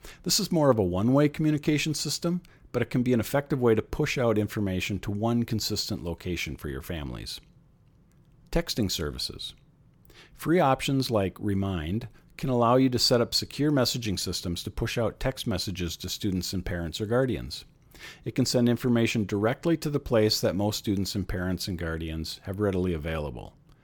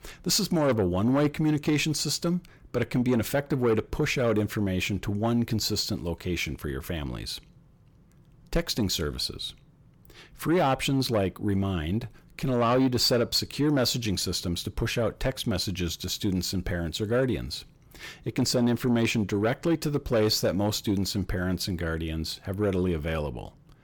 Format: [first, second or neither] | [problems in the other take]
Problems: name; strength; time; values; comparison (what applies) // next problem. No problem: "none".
first | distortion; slight; 10 dB below the speech